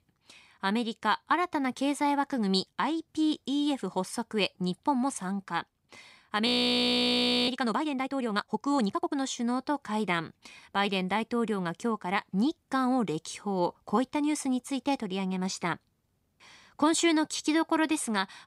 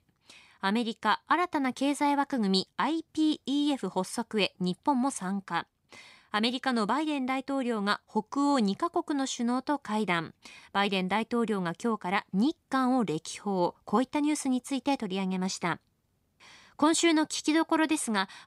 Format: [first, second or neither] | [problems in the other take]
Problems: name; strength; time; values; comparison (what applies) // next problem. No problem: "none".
second | audio freezing; at 6.5 s for 1 s